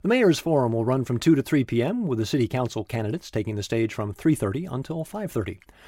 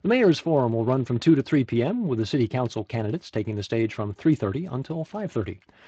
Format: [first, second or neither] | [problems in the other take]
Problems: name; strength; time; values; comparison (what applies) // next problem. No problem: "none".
first | garbled, watery; slightly; nothing above 7.5 kHz